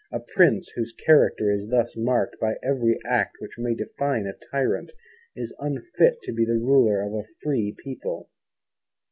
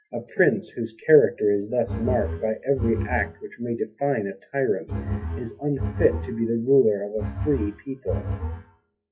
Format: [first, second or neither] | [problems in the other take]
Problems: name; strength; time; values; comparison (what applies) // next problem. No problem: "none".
first | noise reduction (classical method WPE with log-MMSE)